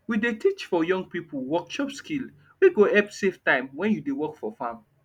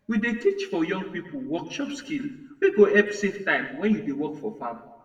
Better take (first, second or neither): first